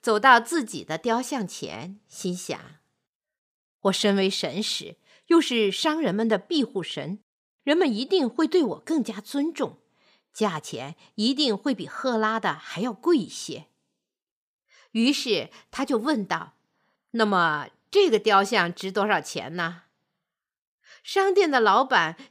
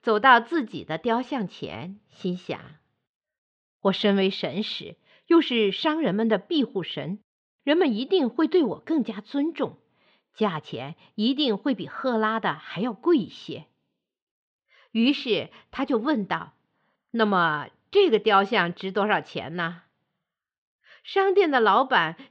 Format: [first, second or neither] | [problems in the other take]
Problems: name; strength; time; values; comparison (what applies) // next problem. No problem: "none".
first | muffled; slightly; fading above 3.5 kHz